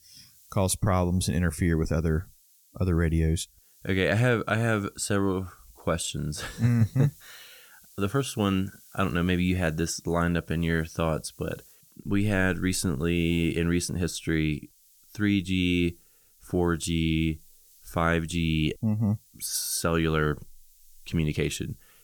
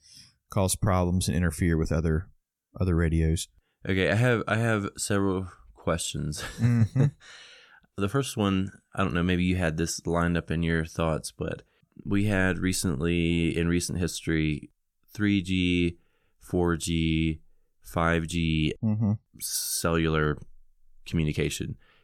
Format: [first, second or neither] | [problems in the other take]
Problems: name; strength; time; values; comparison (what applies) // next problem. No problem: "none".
second | hiss; faint; throughout; 25 dB below the speech